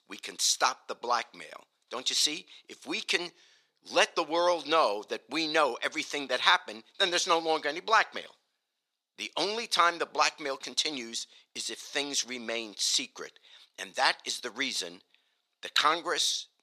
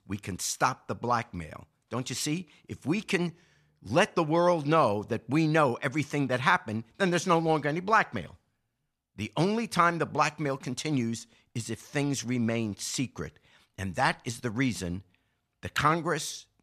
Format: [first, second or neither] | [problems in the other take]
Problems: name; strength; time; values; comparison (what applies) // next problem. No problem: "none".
second | thin; very; fading below 400 Hz